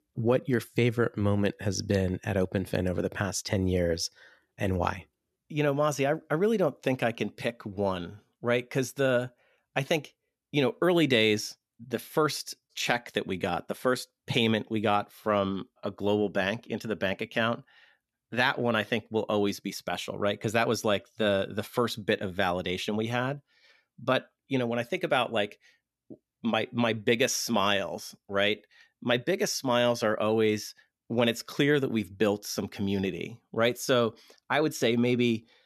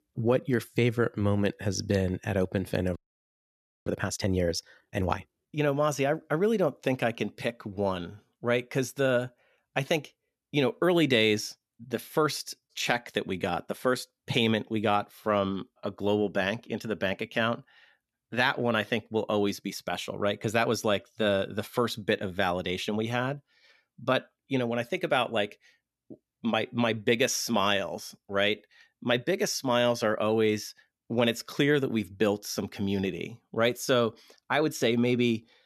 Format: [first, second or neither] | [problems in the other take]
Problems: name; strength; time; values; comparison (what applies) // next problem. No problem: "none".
first | audio freezing; at 3 s for 1 s